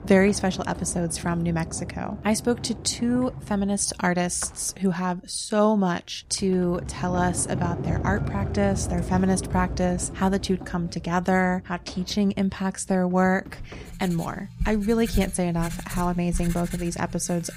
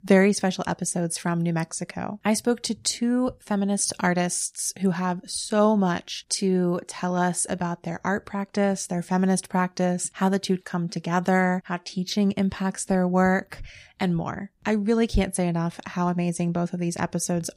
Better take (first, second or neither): second